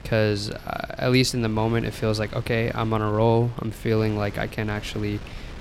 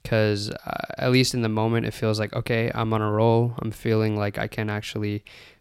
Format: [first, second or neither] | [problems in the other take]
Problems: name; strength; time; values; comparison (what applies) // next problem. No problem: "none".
second | wind noise on the microphone; occasional gusts; 20 dB below the speech